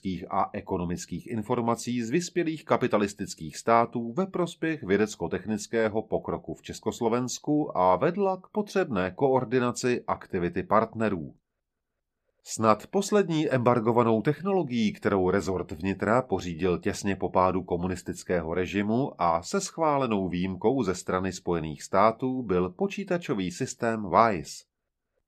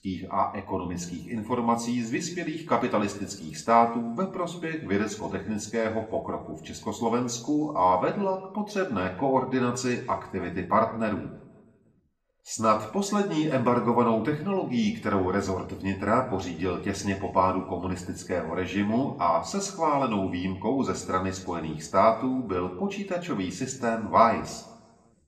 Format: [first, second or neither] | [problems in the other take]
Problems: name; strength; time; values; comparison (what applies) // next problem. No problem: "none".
first | room echo; slight; dies away in 0.6 s // off-mic speech; somewhat distant